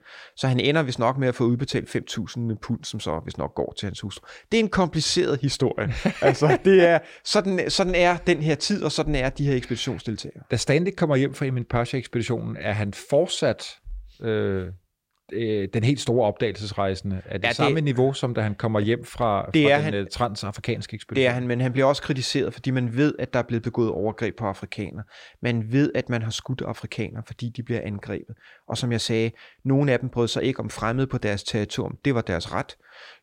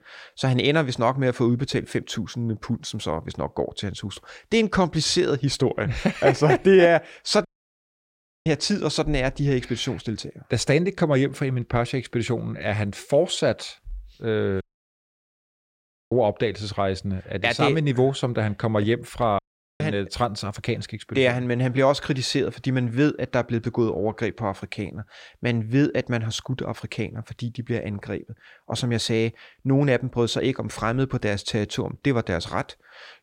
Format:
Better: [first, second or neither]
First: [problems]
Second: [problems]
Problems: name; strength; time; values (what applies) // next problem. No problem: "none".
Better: first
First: none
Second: audio cutting out; at 7.5 s for 1 s, at 15 s for 1.5 s and at 19 s